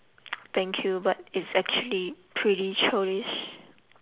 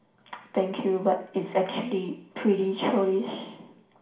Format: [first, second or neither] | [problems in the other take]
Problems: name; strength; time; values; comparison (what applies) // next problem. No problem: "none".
first | room echo; dies away in 0.5 s